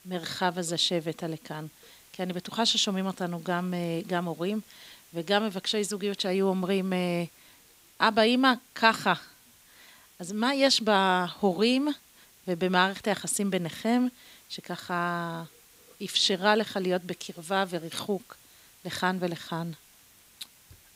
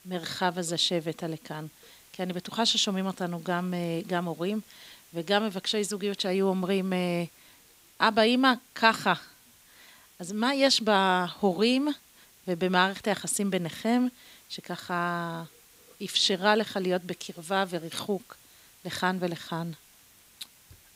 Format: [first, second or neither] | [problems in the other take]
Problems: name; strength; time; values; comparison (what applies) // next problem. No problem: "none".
neither | hiss; faint; throughout; 25 dB below the speech; the same in both